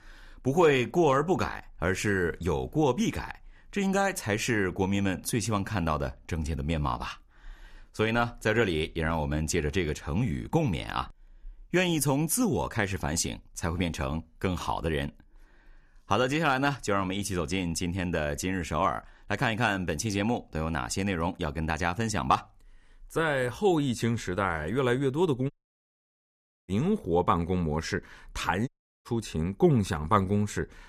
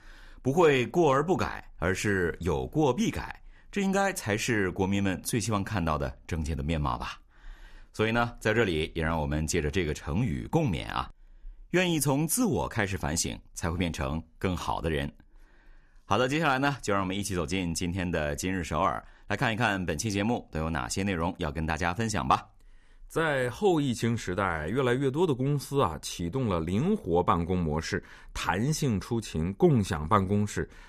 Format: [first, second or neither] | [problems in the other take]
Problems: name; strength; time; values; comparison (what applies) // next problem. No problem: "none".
second | audio cutting out; at 26 s for 1 s and at 29 s